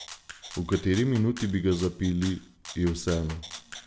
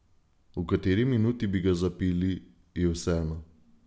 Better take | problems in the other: second | background sound (Rattle (instrument)); 16 dB below the speech

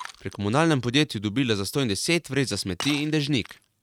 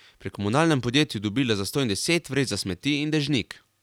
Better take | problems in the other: second | noise reduction (neural mask model RNNoise)

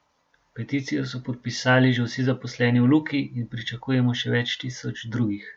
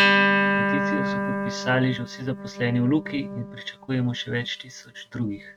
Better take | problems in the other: first | noise reduction (neural mask model RNNoise)

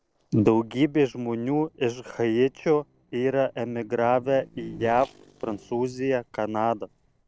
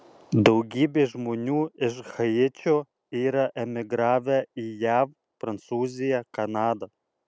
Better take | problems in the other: second | noise reduction (neural separator model SepFormer DNS4)

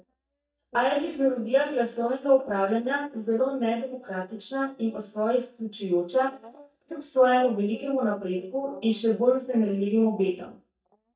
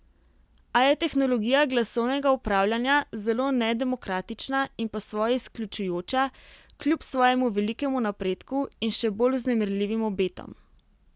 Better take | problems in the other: second | noise reduction (neural mask model DeepFilterNet 3)

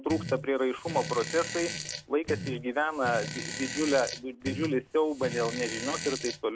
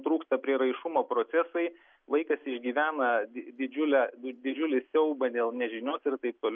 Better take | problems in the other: second | background sound (Fart); 8 dB below the speech

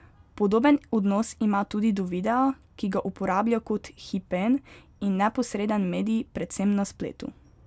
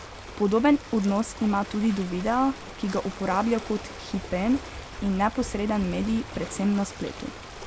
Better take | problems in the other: first | background sound (Wind + Ocean); 13 dB below the speech

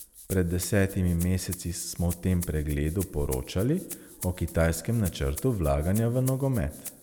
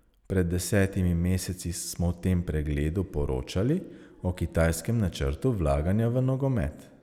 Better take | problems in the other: second | background sound (Rattle (instrument)); 16 dB below the speech

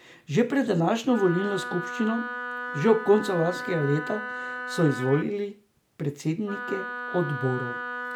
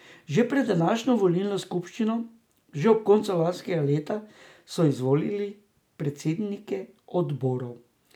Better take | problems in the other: second | background sound (Wind instrument, woodwind instrument); 9 dB below the speech

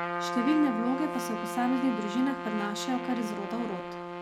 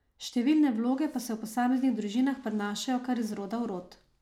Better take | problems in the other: second | background sound (Trumpet); 5 dB below the speech

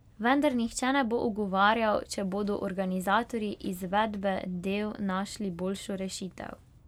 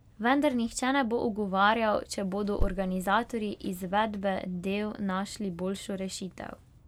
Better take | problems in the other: first | background sound (Thump, thud); 3 dB below the speech

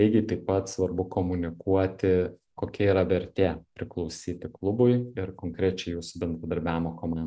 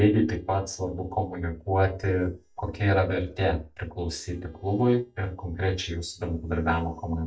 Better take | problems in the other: first | noise reduction (neural mask model DeepFilterNet 3)

